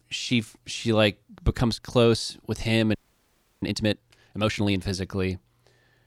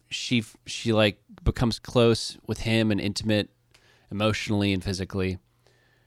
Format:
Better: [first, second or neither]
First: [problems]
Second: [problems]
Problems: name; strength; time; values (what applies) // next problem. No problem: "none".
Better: second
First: audio freezing; at 3 s for 0.5 s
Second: none